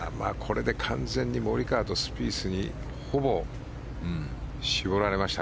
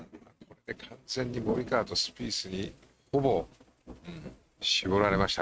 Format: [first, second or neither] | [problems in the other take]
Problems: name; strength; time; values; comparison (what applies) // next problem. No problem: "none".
first | noise reduction (neural mask model RNNoise)